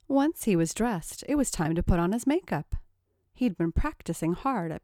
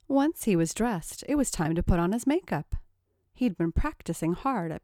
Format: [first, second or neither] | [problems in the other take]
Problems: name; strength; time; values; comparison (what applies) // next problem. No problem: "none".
neither | none